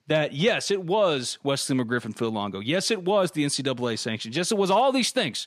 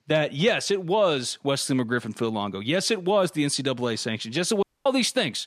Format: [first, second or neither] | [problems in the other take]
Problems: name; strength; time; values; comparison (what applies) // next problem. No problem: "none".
first | audio cutting out; at 4.5 s